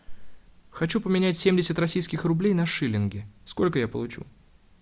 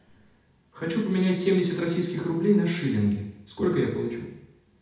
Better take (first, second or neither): first